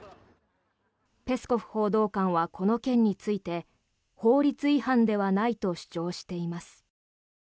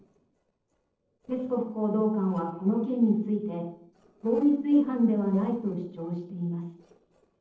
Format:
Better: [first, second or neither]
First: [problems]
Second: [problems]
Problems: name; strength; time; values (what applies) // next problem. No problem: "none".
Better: first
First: none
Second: noise reduction (neural separator model SepFormer DNS4)